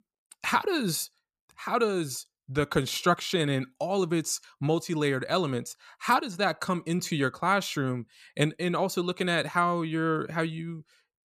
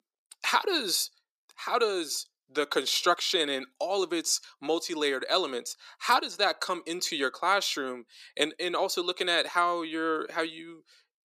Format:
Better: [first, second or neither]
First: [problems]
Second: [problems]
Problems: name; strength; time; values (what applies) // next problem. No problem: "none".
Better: first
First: none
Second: thin; somewhat; fading below 350 Hz